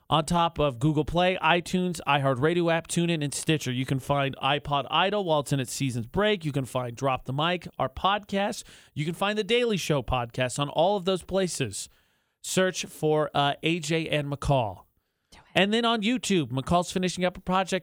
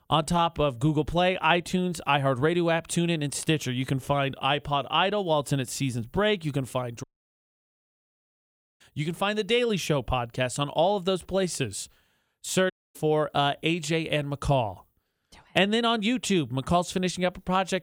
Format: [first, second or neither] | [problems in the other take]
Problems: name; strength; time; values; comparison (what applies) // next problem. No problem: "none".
first | audio cutting out; at 7 s for 2 s and at 13 s